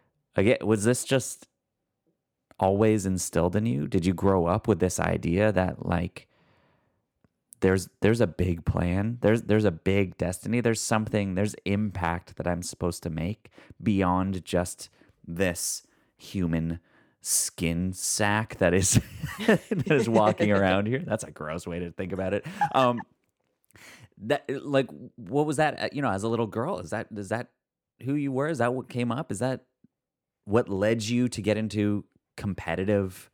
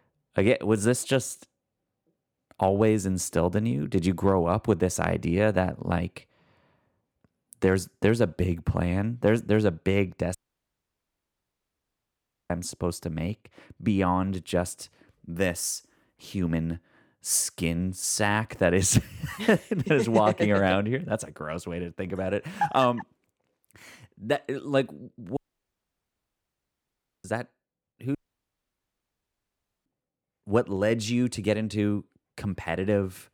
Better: first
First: none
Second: audio cutting out; at 10 s for 2 s, at 25 s for 2 s and at 28 s for 1.5 s

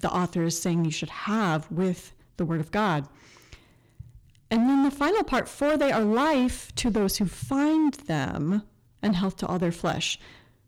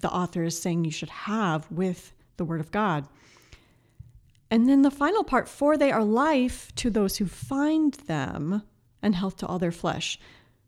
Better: second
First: distortion; slight; 11% of the sound clipped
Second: none

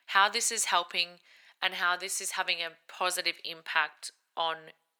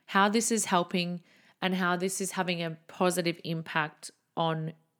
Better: second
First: thin; very; fading below 800 Hz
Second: none

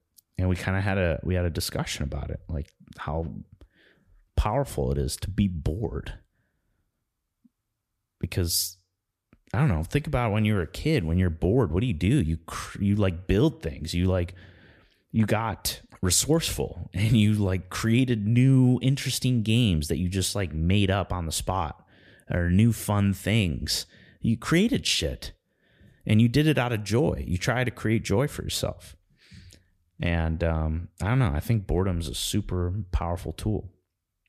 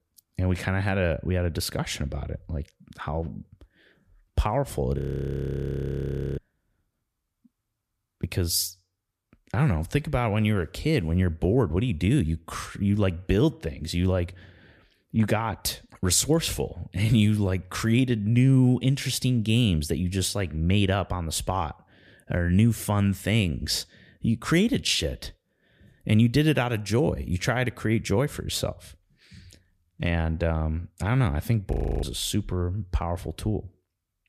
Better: first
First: none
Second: audio freezing; at 5 s for 1.5 s and at 32 s

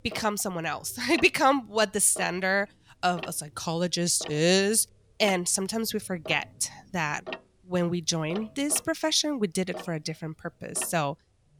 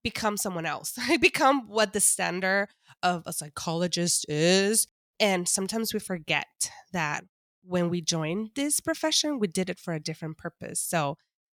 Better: second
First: household noises; noticeable; throughout; 15 dB below the speech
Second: none

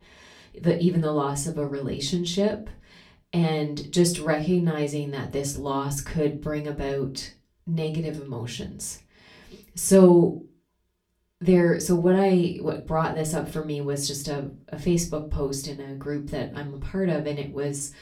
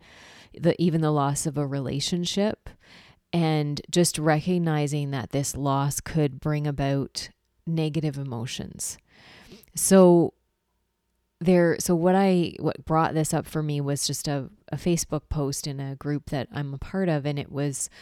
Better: second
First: off-mic speech; far // room echo; very slight; dies away in 0.3 s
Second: none

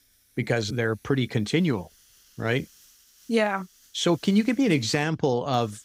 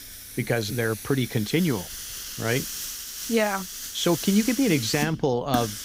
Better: first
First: hiss; faint; throughout; 30 dB below the speech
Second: hiss; loud; throughout; 8 dB below the speech

